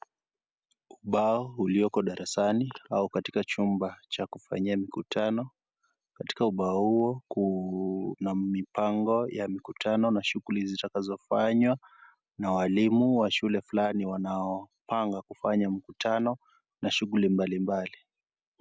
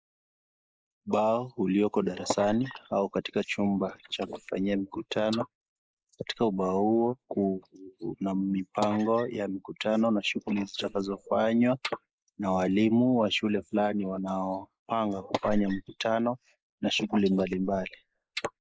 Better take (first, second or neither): first